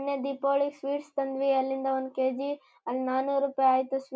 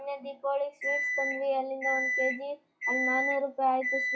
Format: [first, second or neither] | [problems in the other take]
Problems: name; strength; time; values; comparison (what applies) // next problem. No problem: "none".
first | noise reduction (classical method log-MMSE)